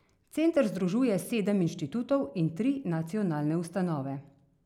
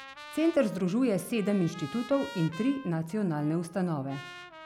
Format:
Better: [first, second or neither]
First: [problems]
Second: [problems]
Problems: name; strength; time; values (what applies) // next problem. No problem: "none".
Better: first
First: none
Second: background sound (Trumpet); 17 dB below the speech